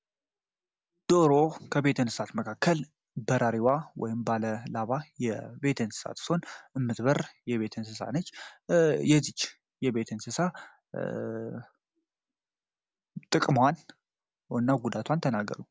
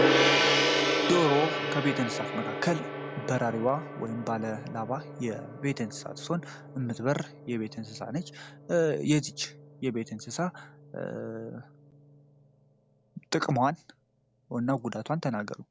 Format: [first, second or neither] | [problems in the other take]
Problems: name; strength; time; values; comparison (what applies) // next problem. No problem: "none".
first | background sound (Gong); 1 dB below the speech